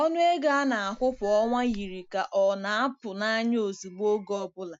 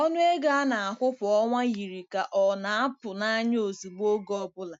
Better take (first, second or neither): second